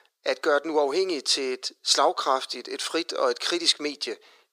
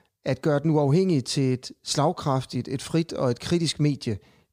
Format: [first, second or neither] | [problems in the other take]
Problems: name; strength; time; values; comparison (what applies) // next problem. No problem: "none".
second | thin; very; fading below 350 Hz